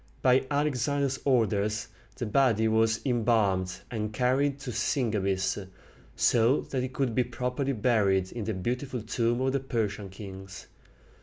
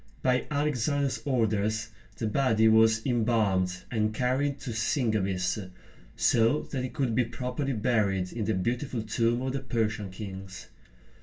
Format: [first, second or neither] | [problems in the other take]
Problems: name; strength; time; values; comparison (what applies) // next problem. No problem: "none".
first | room echo; dies away in 0.1 s